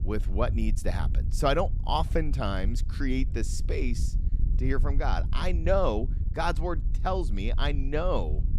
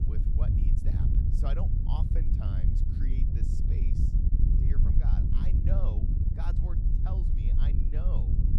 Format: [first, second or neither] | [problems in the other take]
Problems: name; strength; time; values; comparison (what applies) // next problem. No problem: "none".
first | wind noise on the microphone; heavy; 3 dB above the speech; occasional gusts in the first